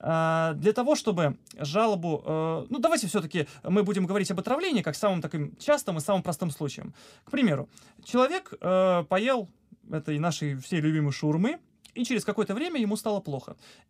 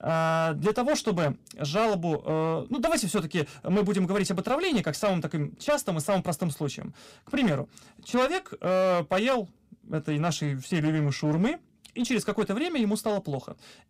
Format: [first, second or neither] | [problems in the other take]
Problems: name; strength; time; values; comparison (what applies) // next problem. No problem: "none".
first | distortion; slight; 10% of the sound clipped